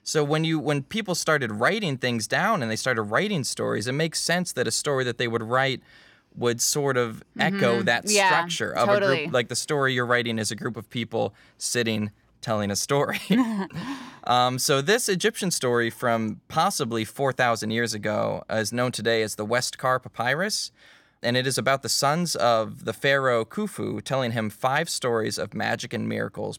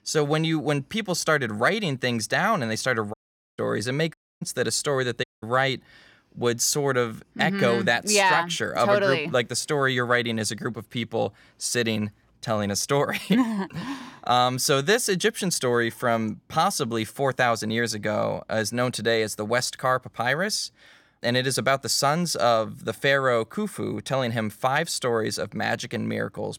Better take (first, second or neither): first